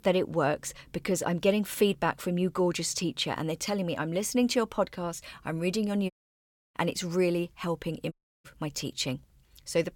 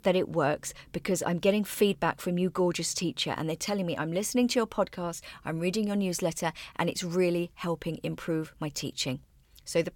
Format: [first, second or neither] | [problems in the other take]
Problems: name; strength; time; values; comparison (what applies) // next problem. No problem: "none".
second | audio cutting out; at 6 s for 0.5 s and at 8 s